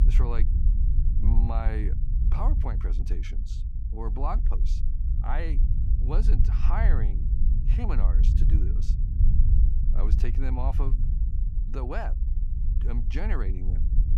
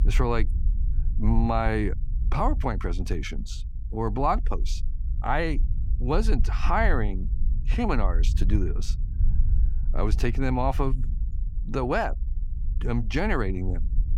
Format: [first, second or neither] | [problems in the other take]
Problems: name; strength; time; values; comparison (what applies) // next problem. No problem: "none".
second | low rumble; loud; throughout; 7 dB below the speech; faint in the second